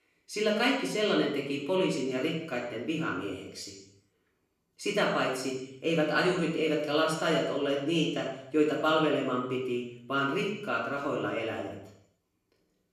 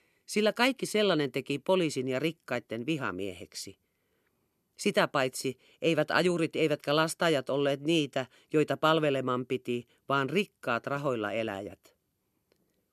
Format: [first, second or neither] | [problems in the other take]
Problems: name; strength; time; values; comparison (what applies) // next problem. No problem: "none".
second | room echo; noticeable; dies away in 0.7 s // off-mic speech; far